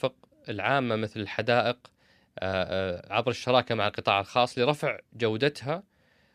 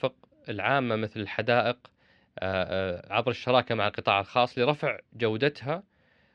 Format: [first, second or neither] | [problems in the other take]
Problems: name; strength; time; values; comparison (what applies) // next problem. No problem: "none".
first | muffled; very slightly; fading above 3 kHz